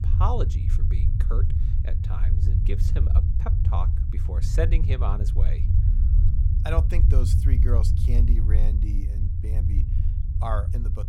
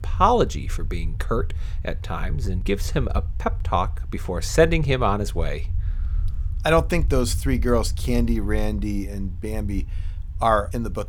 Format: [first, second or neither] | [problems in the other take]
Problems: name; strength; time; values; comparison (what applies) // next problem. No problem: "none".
second | low rumble; loud; throughout; 5 dB below the speech; faint in the second